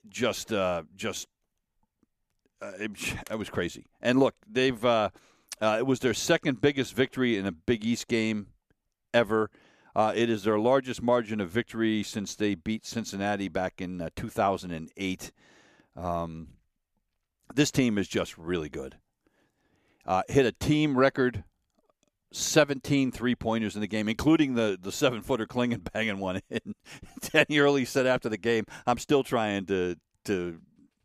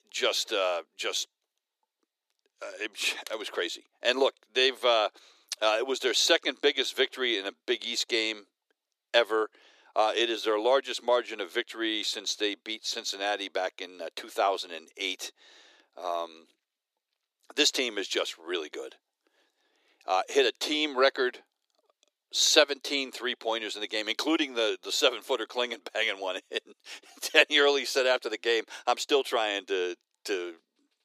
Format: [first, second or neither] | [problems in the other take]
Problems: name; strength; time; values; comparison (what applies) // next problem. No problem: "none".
first | thin; very; fading below 350 Hz